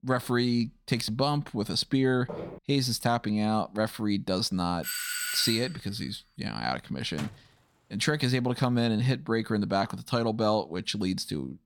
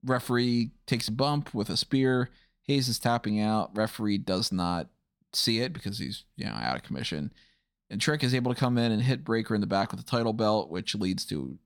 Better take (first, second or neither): second